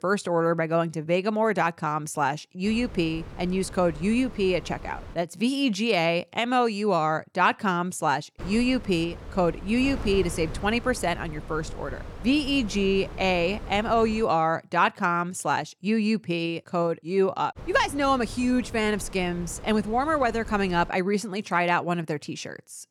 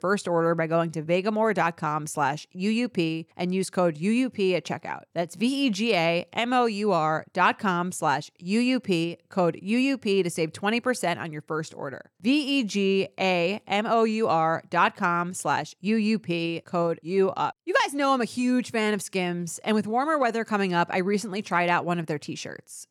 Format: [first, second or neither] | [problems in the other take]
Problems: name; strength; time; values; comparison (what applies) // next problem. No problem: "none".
second | wind noise on the microphone; occasional gusts; from 2.5 to 5 s, from 8.5 to 14 s and from 18 to 21 s; 20 dB below the speech